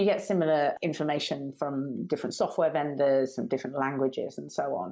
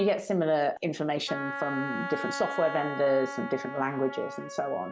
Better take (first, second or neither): first